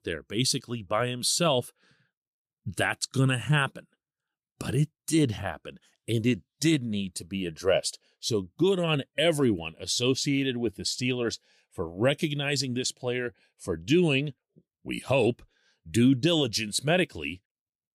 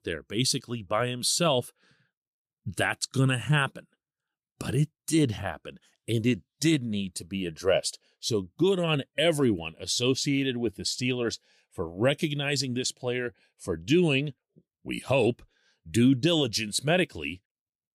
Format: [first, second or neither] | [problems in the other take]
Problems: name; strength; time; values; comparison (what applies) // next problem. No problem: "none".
neither | none